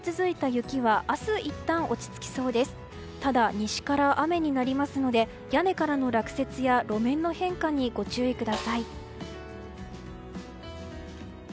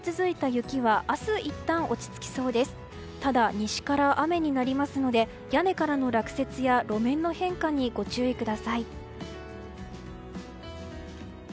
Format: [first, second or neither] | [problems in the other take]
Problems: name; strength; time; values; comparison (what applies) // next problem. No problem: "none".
second | background sound (Snare drum); 16 dB below the speech